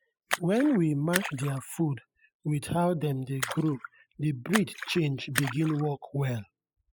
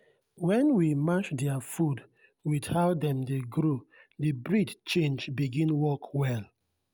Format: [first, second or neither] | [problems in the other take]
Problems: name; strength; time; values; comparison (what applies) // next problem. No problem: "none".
second | noise reduction (classical method spectral subtraction)